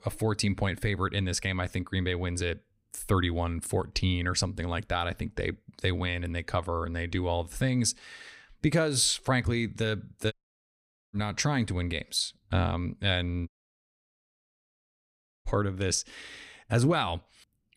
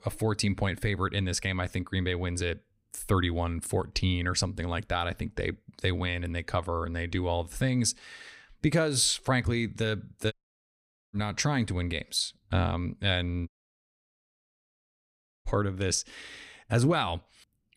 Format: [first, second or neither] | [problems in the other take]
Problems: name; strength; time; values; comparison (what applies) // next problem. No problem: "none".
neither | audio cutting out; at 10 s for 1 s and at 13 s for 2 s; the same in both